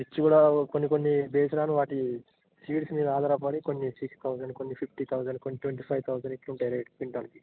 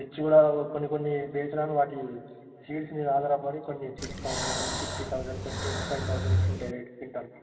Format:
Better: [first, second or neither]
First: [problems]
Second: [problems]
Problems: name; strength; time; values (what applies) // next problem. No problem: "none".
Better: first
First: none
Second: background sound (Breathing); 1 dB below the speech // room echo; dies away in 2.1 s